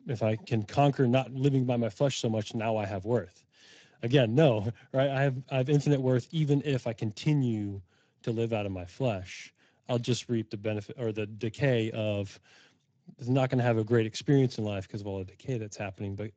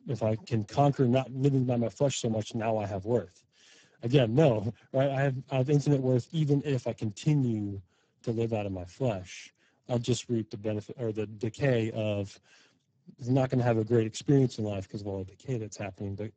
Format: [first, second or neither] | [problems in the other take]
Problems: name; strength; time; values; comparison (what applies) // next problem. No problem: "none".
first | garbled, watery; badly; nothing above 7.5 kHz; slightly in the first